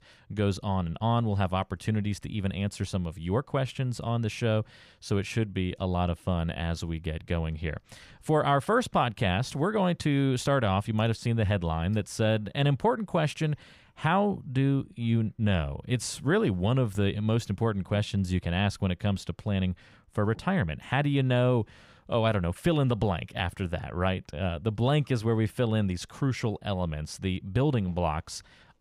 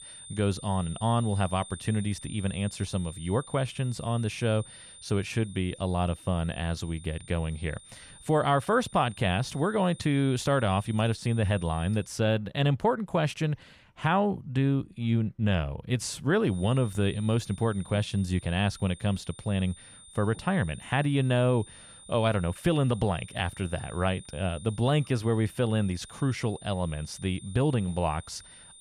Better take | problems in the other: first | high-pitched whine; noticeable; until 12 s and from 17 s on; 9 kHz, 20 dB below the speech

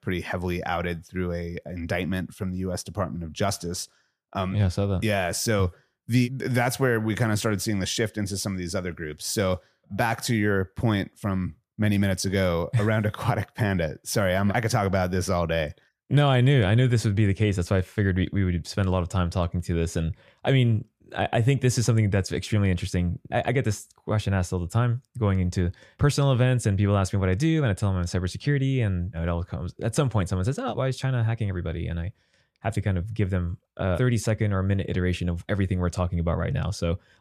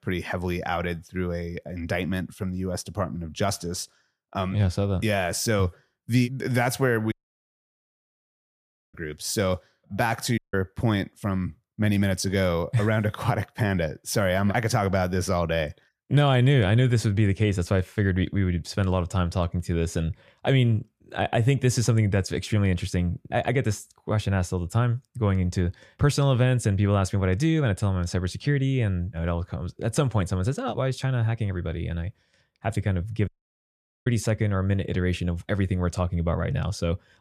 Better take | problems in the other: first | audio cutting out; at 7 s for 2 s, at 10 s and at 33 s for 1 s

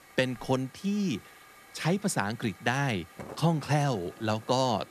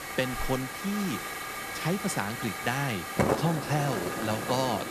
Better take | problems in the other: first | hiss; loud; throughout; 2 dB below the speech; faint in the first

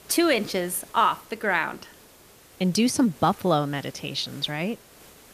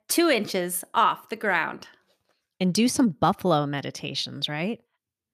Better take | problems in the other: second | hiss; faint; throughout; 25 dB below the speech

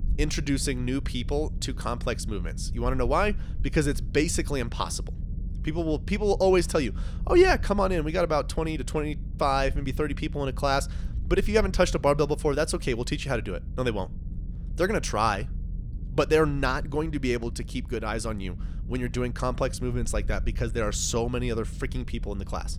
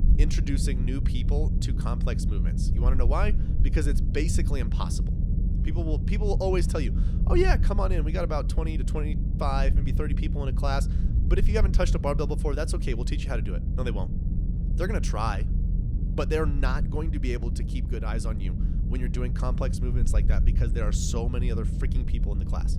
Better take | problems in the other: first | low rumble; loud; throughout; 9 dB below the speech; faint in the first

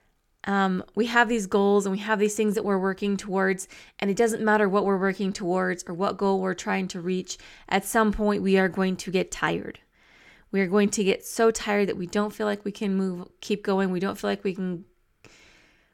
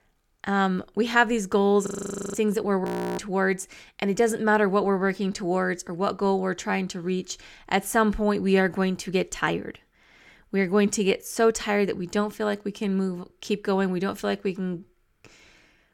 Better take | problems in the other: first | audio freezing; at 2 s and at 3 s

